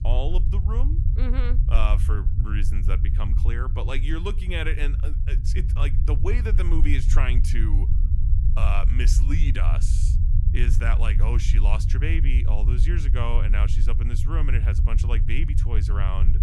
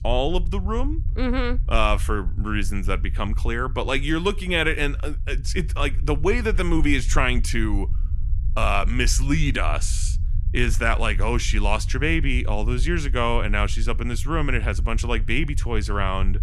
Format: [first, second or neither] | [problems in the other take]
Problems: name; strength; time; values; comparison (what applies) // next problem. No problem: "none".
second | low rumble; loud; throughout; 7 dB below the speech; faint in the second